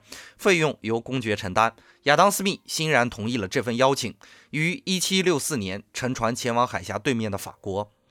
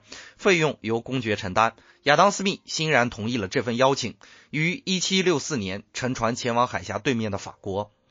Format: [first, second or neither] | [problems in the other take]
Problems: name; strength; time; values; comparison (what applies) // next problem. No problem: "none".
first | garbled, watery; slightly